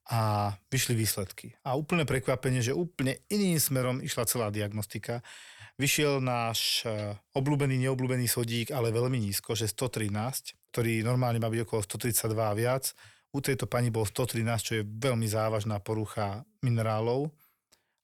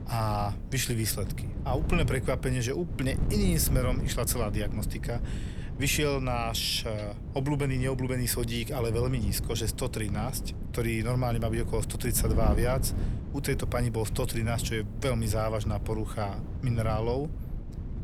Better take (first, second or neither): first